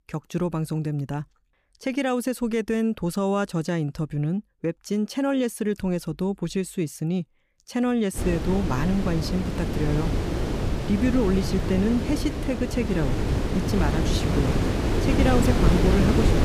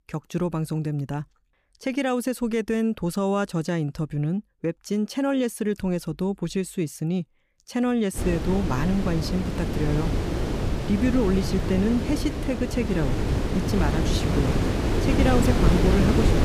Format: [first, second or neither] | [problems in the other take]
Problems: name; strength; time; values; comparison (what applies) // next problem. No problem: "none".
neither | wind noise on the microphone; heavy; from 8 s on; 1 dB below the speech; the same in both